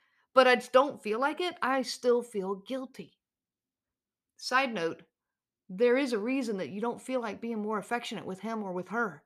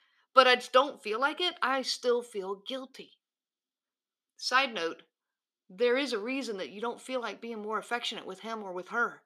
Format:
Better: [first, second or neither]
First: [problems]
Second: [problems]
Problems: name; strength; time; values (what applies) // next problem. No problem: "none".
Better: first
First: none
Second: thin; very slightly; fading below 300 Hz